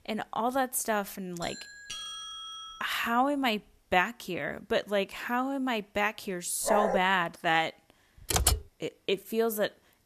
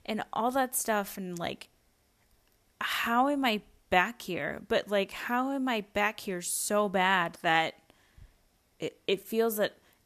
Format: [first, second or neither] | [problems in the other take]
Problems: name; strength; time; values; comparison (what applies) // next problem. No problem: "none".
second | doorbell; noticeable; from 1.5 to 3 s; peak 7 dB below the speech // dog barking; loud; at 6.5 s; peak 1 dB above the speech // keyboard typing; loud; at 8.5 s; peak 4 dB above the speech